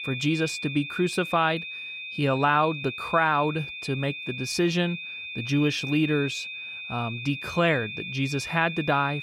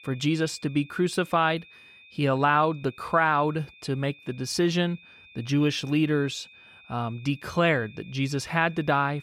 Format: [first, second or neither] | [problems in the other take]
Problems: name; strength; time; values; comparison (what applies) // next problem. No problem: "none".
second | high-pitched whine; loud; throughout; 2.5 kHz, 7 dB below the speech; faint in the second